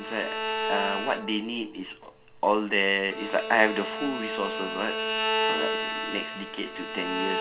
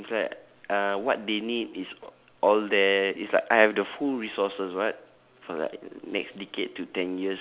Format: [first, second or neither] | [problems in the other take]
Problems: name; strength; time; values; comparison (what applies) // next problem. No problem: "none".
second | background sound (Bowed string instrument); 2 dB below the speech // room echo; dies away in 0.2 s